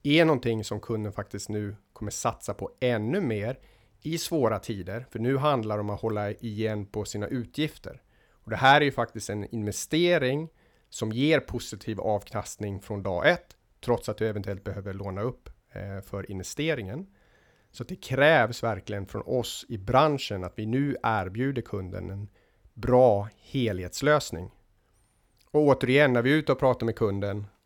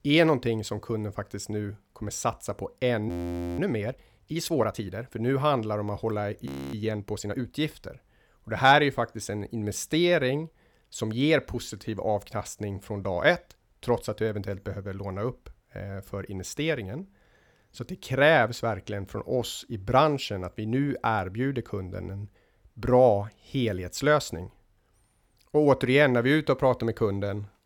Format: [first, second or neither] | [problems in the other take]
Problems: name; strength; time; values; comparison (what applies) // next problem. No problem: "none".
first | audio freezing; at 3 s and at 6.5 s